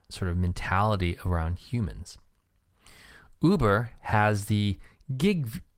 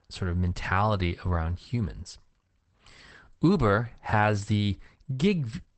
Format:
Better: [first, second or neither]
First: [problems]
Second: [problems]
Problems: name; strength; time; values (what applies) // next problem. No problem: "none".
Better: first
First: garbled, watery; slightly; nothing above 16 kHz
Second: garbled, watery; badly; nothing above 8 kHz